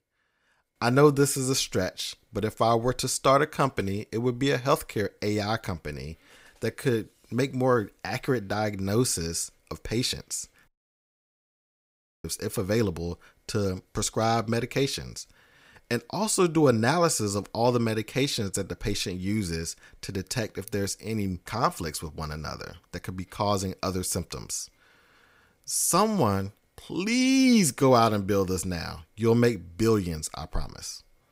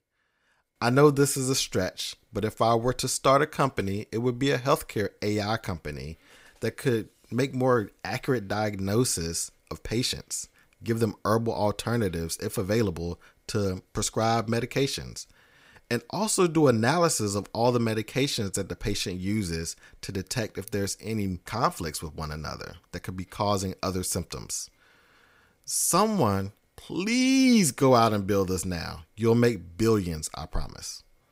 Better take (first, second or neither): second